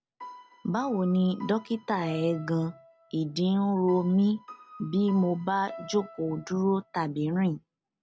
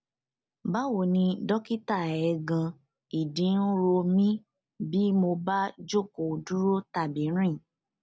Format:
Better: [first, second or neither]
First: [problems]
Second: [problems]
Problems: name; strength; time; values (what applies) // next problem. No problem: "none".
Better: second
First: background sound (Piano); 19 dB below the speech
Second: none